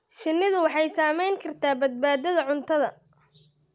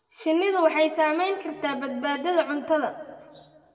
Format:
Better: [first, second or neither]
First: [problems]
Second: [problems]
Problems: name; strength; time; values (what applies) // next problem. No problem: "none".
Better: first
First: none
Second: room echo; dies away in 1.1 s